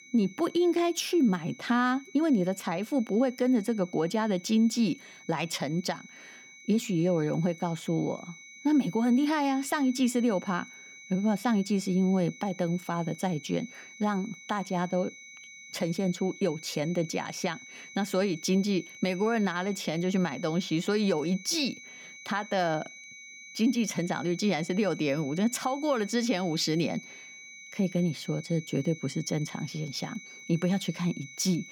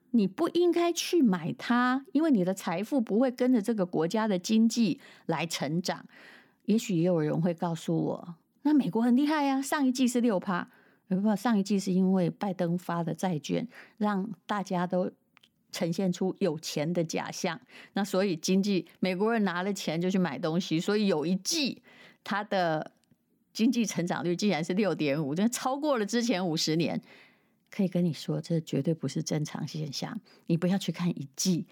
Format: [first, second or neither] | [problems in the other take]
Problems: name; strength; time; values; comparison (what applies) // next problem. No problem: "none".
second | high-pitched whine; noticeable; throughout; 2 kHz, 15 dB below the speech